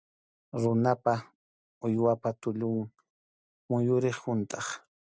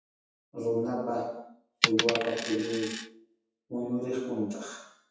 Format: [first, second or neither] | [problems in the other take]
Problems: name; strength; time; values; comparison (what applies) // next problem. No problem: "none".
first | noise reduction (classical method WPE with log-MMSE)